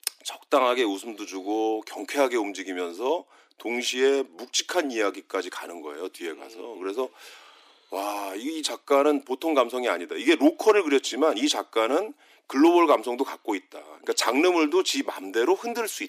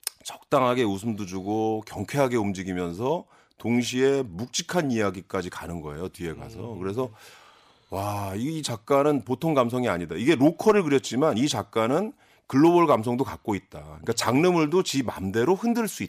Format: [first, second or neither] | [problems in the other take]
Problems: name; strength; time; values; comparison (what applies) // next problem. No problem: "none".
second | thin; very slightly; fading below 300 Hz